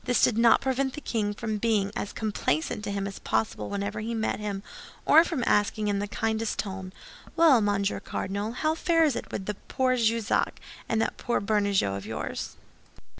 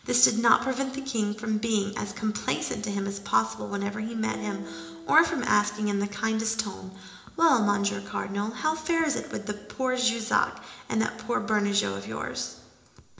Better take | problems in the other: first | background sound (Piano); 19 dB below the speech // room echo; dies away in 0.8 s

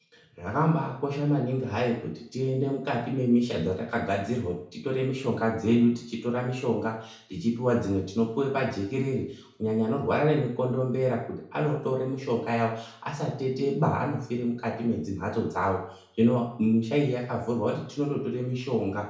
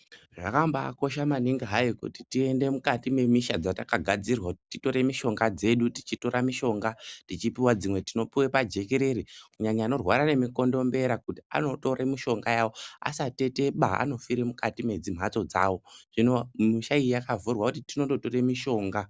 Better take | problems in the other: second | room echo; dies away in 0.6 s

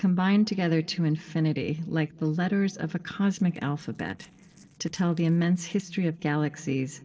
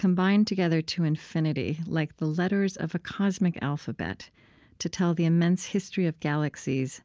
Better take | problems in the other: second | noise reduction (neural separator model SepFormer DNS4)

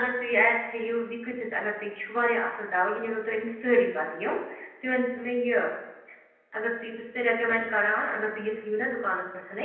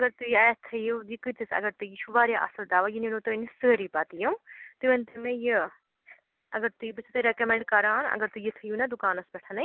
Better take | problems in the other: second | room echo; dies away in 0.9 s

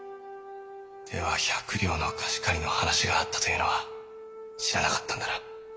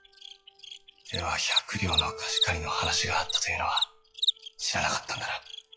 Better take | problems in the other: first | noise reduction (classical method log-MMSE)

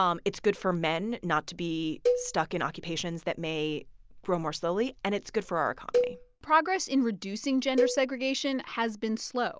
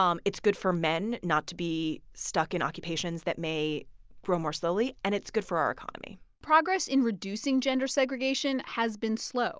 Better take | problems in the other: second | background sound (Cowbell); 4 dB below the speech

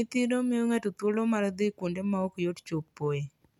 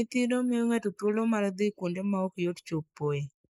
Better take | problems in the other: first | noise reduction (neural mask model Resemble Enhance denoiser)

